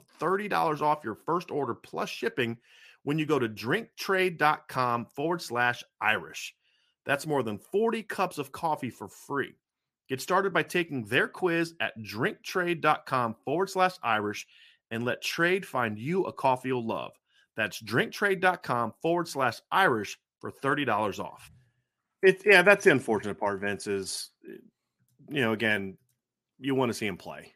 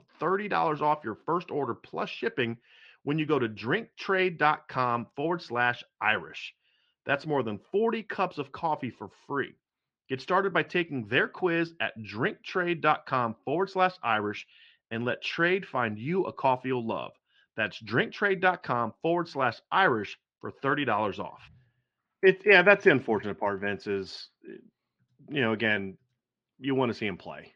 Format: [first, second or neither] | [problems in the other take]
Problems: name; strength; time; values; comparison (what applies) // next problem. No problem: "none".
first | muffled; very slightly; fading above 4 kHz